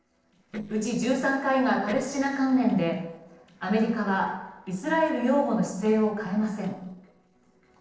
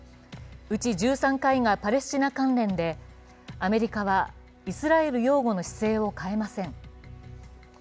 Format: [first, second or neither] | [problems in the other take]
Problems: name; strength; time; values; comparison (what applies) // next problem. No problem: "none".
second | noise reduction (neural separator model SepFormer DNS4)